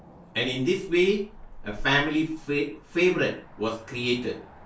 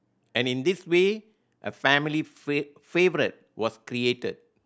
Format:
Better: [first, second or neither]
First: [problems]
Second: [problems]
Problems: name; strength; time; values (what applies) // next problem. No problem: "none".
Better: second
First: background sound (Cricket / Motor vehicle (road)); 16 dB below the speech // room echo; dies away in 0.3 s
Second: none